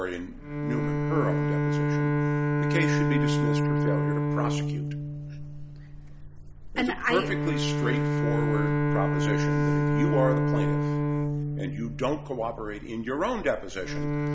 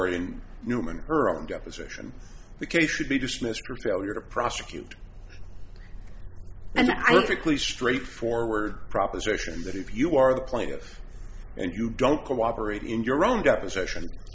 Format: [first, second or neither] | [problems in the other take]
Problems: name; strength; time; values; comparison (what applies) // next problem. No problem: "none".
second | background sound (Bowed string instrument); 5 dB above the speech